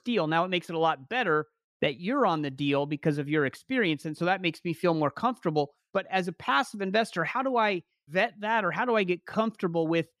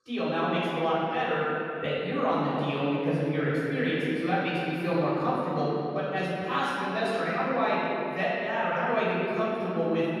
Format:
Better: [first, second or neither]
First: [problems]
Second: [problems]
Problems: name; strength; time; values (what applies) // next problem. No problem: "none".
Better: first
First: none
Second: off-mic speech; far // room echo; strong; dies away in 2.6 s